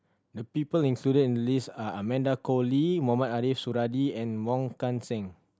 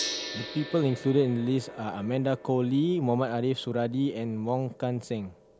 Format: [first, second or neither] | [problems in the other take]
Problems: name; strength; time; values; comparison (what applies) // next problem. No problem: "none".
first | background sound (Gong); 14 dB below the speech